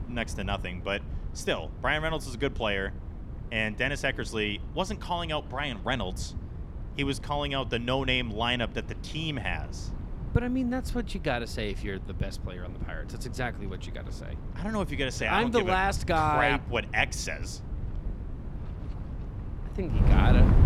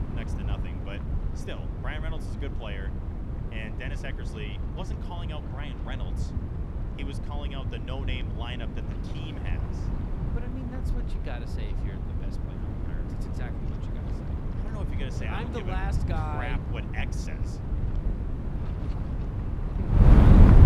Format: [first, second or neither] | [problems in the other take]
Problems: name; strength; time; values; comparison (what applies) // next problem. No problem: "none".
first | wind noise on the microphone; heavy; 1 dB above the speech; occasional gusts in the first